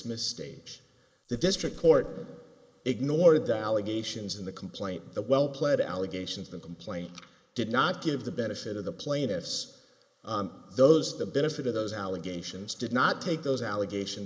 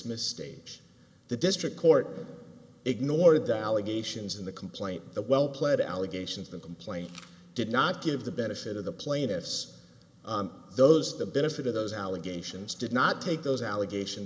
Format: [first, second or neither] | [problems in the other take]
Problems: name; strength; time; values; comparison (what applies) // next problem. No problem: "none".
second | noise reduction (neural mask model Resemble Enhance denoiser)